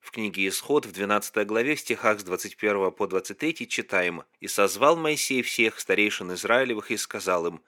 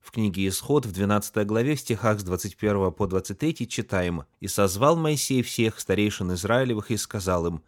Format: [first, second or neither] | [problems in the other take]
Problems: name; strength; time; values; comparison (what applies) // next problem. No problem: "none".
second | thin; somewhat; fading below 350 Hz